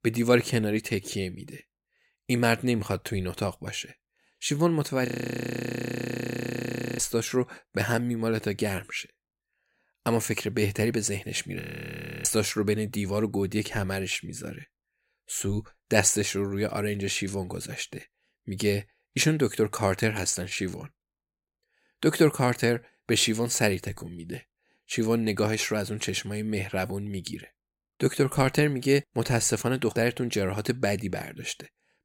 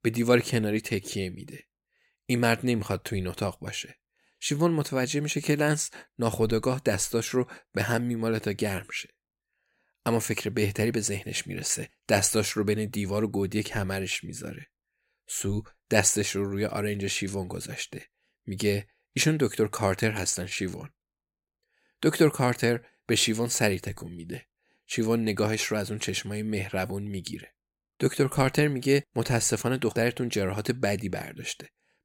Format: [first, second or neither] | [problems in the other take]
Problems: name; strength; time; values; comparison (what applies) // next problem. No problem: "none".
second | audio freezing; at 5 s for 2 s and at 12 s for 0.5 s